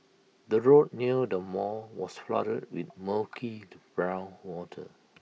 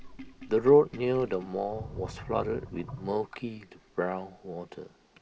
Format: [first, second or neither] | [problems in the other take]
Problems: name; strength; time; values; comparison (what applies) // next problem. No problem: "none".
first | background sound (Sink (filling or washing)); 15 dB below the speech